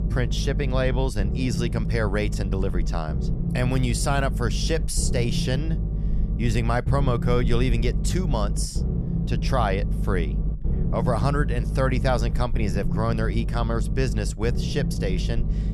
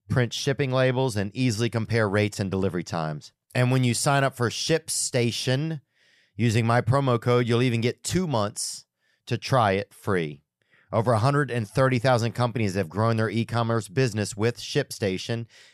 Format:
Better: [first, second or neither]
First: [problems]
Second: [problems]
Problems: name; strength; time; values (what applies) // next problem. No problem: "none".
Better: second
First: low rumble; noticeable; throughout; 10 dB below the speech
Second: none